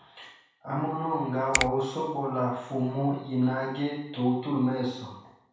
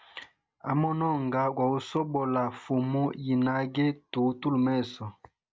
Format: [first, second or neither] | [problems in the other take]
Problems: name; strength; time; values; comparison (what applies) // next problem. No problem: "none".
second | background sound (Finger snapping); 6 dB below the speech // room echo; dies away in 0.7 s